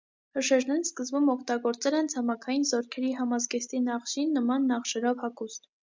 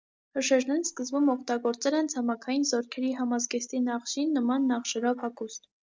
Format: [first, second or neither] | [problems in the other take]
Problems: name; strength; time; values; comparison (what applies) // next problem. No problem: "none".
first | noise reduction (neural separator model SepFormer DNS4)